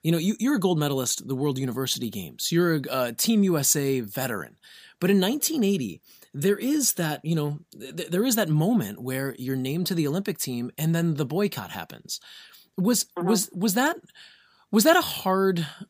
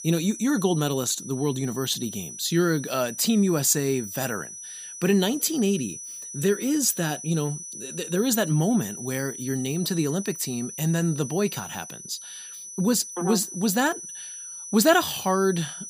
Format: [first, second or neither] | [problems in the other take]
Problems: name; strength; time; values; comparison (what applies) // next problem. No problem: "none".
first | high-pitched whine; noticeable; throughout; 6 kHz, 10 dB below the speech